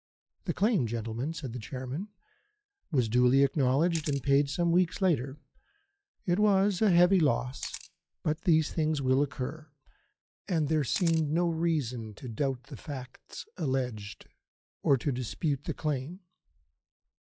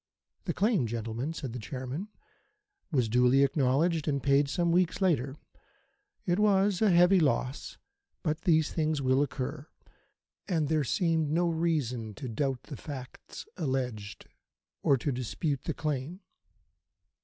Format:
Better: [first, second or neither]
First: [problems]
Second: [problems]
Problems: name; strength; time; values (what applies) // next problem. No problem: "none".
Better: second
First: noise reduction (classical method log-MMSE)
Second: none